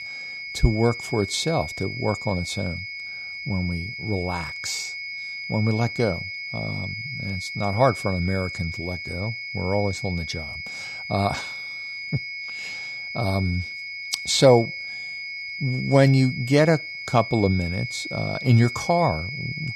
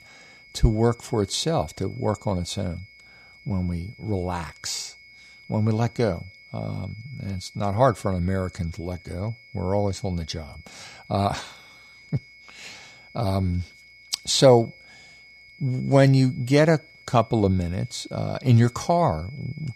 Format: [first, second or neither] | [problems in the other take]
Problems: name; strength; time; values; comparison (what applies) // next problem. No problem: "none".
second | high-pitched whine; loud; throughout; 2 kHz, 7 dB below the speech; faint in the second